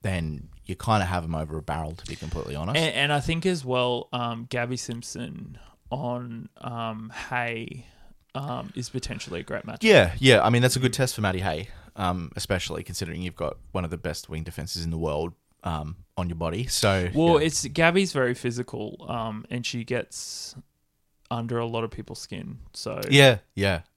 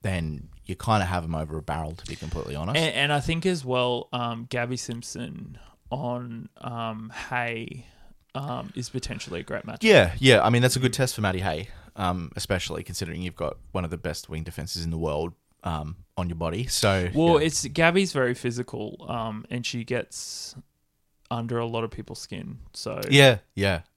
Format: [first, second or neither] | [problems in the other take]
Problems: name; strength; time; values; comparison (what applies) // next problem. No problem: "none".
neither | none